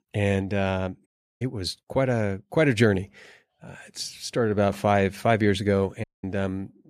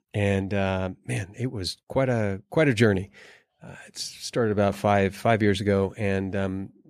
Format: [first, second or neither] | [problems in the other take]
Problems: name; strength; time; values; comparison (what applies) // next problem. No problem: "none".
second | audio cutting out; at 1 s and at 6 s